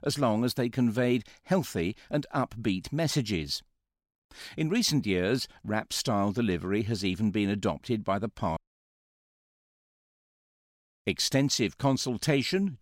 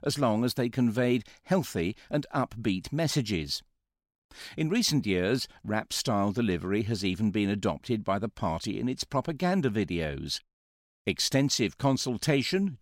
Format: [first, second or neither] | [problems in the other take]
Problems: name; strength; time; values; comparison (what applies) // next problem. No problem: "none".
second | audio cutting out; at 8.5 s for 2.5 s